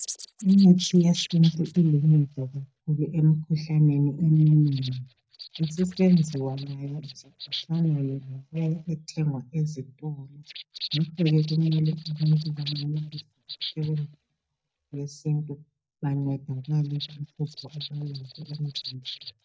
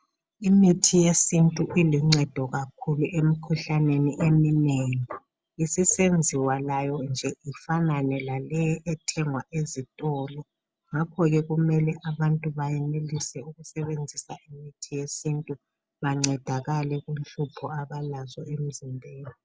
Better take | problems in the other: second | noise reduction (neural mask model DeepFilterNet 3)

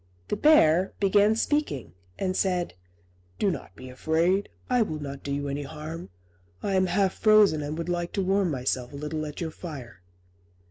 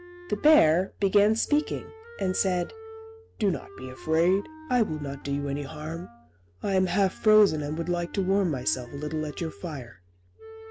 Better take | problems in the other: first | background sound (Wind instrument, woodwind instrument); 19 dB below the speech

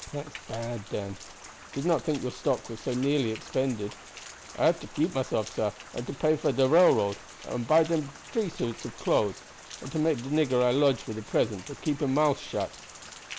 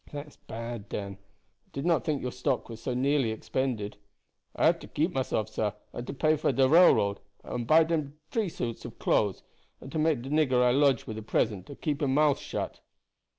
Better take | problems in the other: second | background sound (Rain); 17 dB below the speech

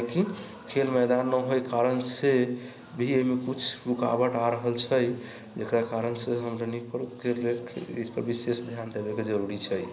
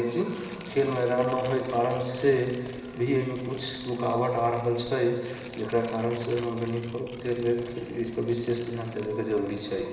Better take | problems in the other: first | background sound (Tearing); 19 dB below the speech // room echo; dies away in 2.1 s

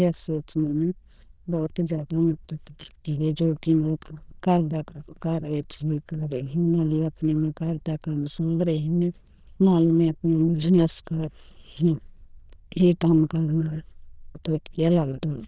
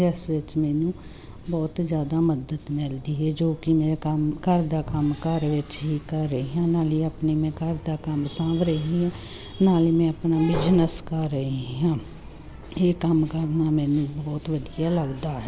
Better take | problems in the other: second | noise reduction (neural diffusion model UNIVERSE++)

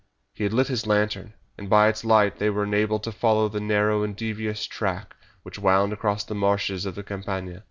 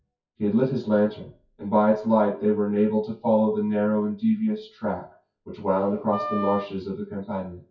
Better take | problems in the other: first | noise reduction (classical method WPE with log-MMSE)

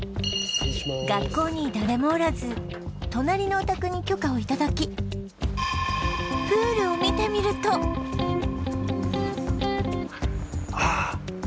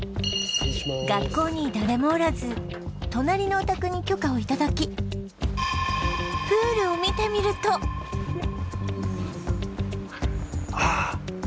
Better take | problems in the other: second | background sound (Electric guitar); 4 dB below the speech

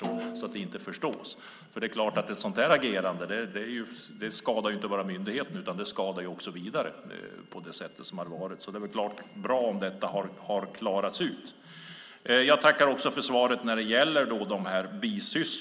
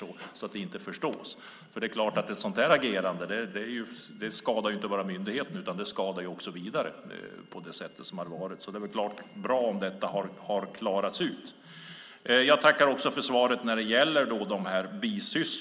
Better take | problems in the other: second | background sound (Snare drum); 11 dB below the speech

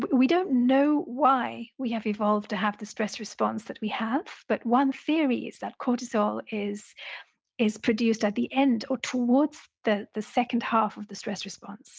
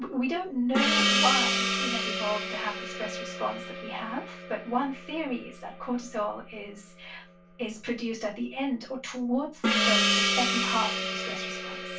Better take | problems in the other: first | background sound (Gong); 2 dB above the speech // room echo; dies away in 0.2 s

